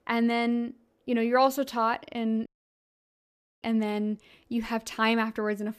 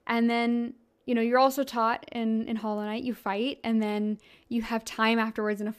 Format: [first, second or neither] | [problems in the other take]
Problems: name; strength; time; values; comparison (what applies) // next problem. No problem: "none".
second | audio cutting out; at 2.5 s for 1 s